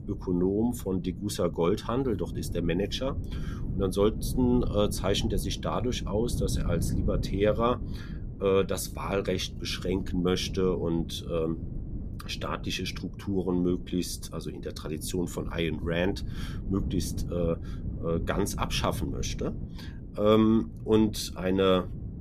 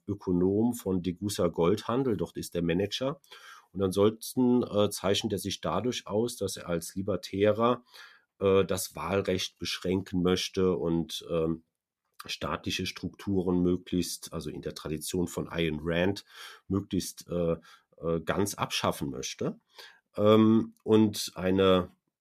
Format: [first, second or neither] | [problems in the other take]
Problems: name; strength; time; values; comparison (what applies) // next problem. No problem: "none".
second | wind noise on the microphone; occasional gusts; 15 dB below the speech